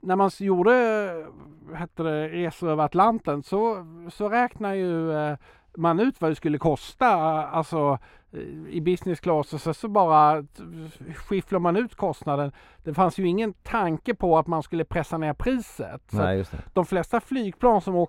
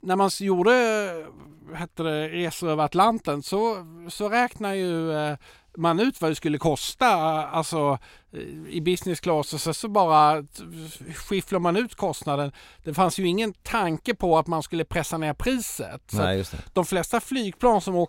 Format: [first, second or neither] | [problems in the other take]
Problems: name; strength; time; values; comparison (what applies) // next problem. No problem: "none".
second | muffled; slightly; fading above 3 kHz